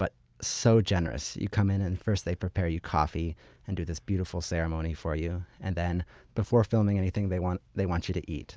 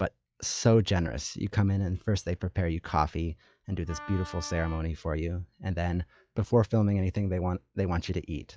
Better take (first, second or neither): first